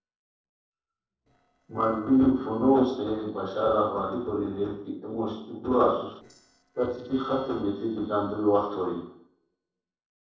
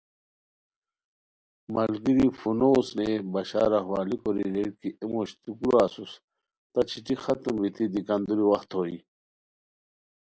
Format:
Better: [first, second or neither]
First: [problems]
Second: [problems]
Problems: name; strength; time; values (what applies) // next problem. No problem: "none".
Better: second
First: noise reduction (neural separator model SepFormer DNS4)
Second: none